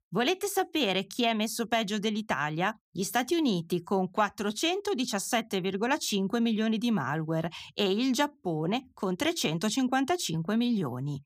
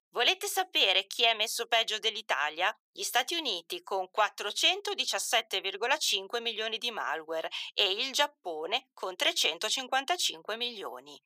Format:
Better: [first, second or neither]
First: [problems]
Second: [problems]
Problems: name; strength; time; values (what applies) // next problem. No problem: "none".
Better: first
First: none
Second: thin; very; fading below 500 Hz